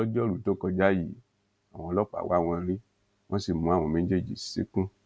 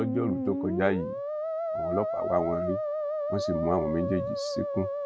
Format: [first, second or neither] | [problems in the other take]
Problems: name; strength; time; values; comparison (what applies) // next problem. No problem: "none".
first | background sound (Musical instrument); as loud as the speech